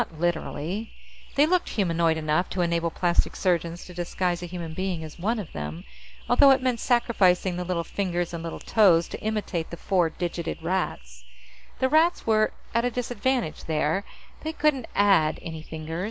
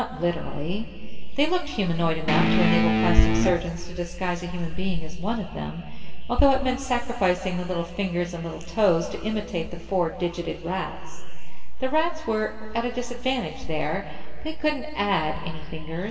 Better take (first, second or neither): first